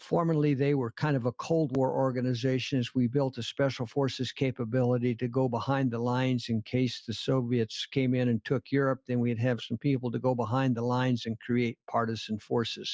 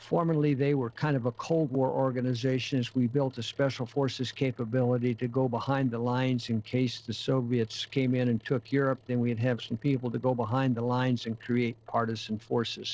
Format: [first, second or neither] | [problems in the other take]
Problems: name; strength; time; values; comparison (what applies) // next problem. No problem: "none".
first | noise reduction (neural separator model SepFormer DNS4)